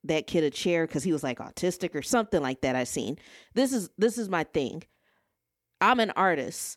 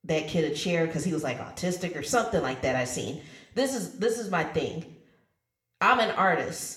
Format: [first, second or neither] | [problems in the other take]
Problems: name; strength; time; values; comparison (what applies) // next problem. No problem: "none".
first | room echo; slight; dies away in 0.5 s